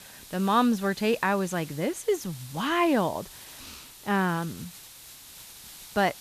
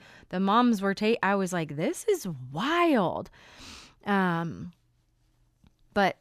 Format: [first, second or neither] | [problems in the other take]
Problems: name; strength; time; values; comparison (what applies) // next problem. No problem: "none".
second | hiss; noticeable; throughout; 15 dB below the speech